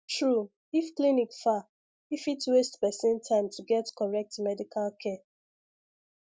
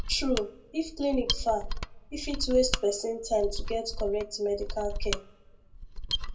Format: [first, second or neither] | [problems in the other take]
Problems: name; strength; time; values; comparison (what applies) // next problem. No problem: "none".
first | background sound (Mechanisms); 3 dB below the speech // room echo; dies away in 0.2 s